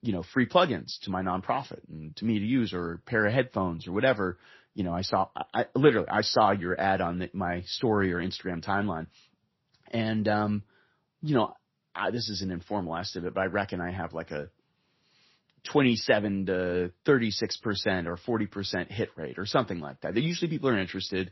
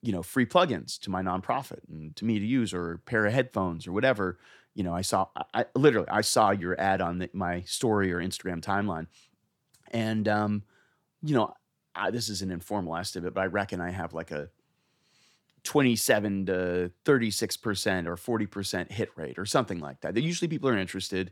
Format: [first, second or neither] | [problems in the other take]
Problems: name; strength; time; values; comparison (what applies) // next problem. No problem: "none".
second | garbled, watery; slightly; nothing above 5.5 kHz